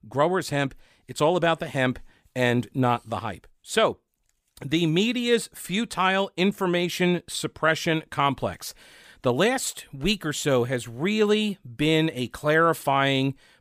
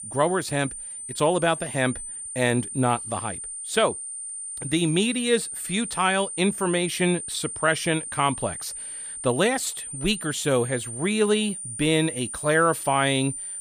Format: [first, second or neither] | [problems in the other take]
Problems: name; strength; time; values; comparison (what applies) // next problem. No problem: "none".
first | high-pitched whine; loud; throughout; 9 kHz, 7 dB below the speech